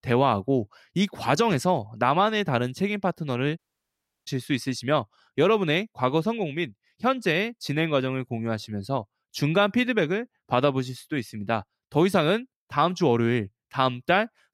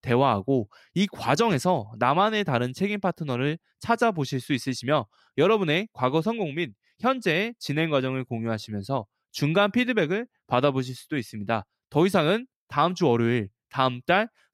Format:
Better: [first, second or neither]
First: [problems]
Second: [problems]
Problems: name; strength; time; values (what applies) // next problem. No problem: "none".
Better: second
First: audio cutting out; at 3.5 s for 0.5 s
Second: none